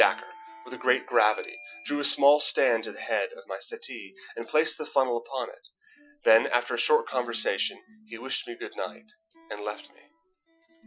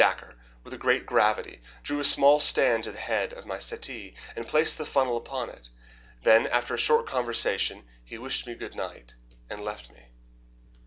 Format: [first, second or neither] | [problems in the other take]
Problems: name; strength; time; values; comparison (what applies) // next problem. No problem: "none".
second | noise reduction (classical method Wiener filter)